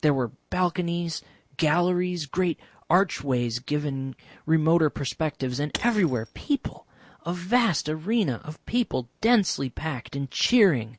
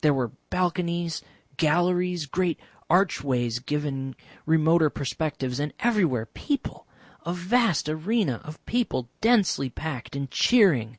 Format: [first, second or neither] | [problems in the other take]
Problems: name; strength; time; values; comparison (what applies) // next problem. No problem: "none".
second | background sound (Shatter / Crushing); 16 dB below the speech